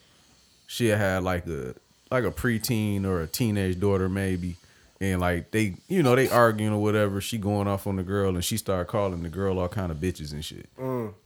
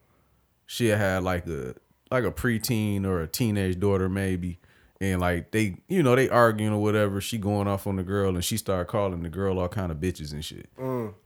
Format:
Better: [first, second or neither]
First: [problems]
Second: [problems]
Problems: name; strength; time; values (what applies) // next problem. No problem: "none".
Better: second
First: hiss; faint; throughout; 20 dB below the speech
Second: none